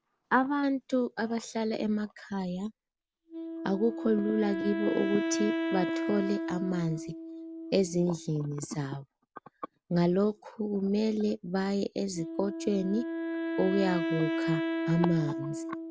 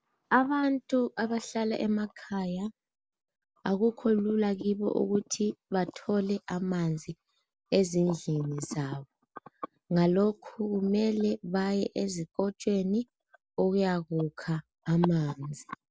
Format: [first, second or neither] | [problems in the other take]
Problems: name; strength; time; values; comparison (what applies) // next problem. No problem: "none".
second | background sound (Wind instrument, woodwind instrument); 5 dB below the speech